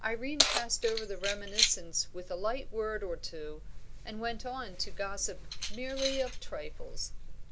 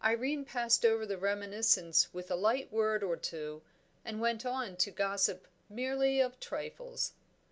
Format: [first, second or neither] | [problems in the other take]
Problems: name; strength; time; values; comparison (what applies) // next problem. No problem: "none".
second | background sound (Keys jangling); 1 dB above the speech